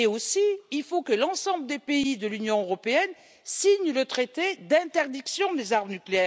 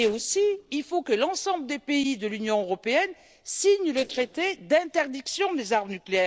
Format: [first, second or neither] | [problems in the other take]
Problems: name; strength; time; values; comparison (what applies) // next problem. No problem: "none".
first | noise reduction (neural separator model SepFormer DNS4)